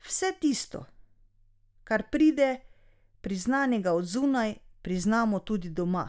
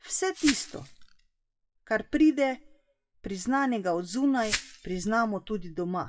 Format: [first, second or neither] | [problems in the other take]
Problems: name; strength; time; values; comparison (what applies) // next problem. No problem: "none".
first | noise reduction (classical method WPE with log-MMSE)